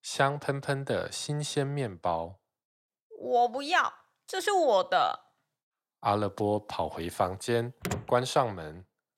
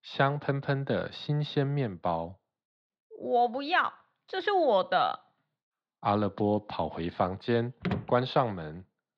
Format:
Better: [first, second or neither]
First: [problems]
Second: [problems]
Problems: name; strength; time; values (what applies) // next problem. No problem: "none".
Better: first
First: none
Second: muffled; very slightly; fading above 4 kHz